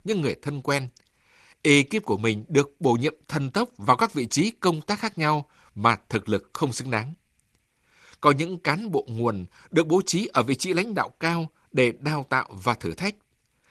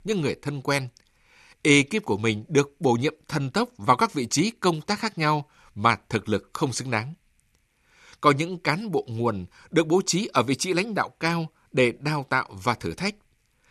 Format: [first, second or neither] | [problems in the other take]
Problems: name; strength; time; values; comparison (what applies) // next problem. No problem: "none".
second | garbled, watery; slightly; nothing above 13.5 kHz